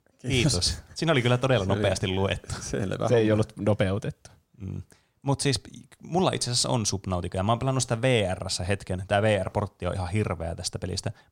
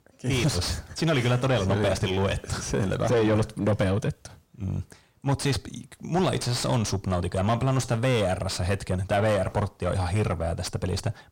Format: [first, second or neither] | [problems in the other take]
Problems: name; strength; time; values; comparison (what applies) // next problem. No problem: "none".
first | distortion; heavy; 6 dB below the speech